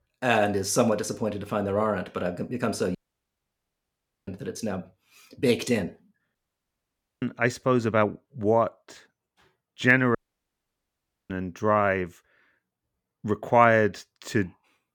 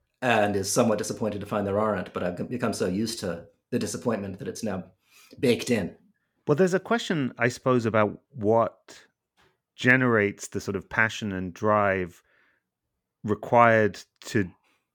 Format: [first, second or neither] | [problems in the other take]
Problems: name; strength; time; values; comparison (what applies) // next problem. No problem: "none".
second | audio cutting out; at 3 s for 1.5 s, at 6.5 s for 1 s and at 10 s for 1 s